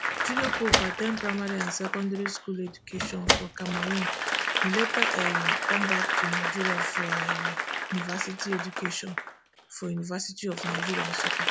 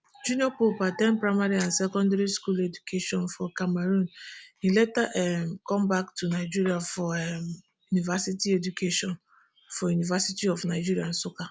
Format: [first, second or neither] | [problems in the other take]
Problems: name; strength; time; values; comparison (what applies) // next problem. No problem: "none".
second | background sound (Slam + Applause / Crowd); 4 dB above the speech